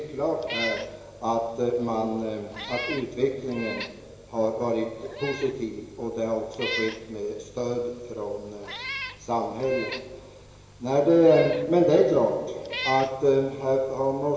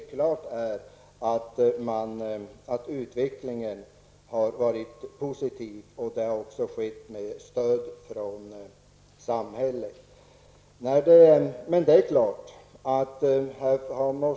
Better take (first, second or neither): second